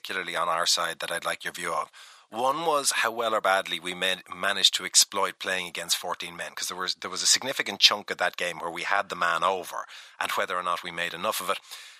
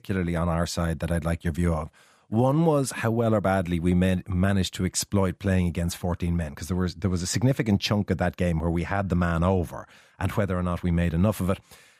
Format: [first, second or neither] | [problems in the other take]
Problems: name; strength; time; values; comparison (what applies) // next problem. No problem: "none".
second | thin; very; fading below 850 Hz